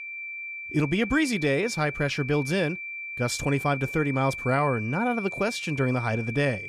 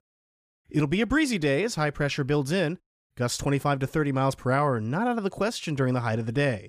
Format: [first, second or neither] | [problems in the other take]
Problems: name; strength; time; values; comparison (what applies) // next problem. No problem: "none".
second | high-pitched whine; loud; throughout; 2.5 kHz, 7 dB below the speech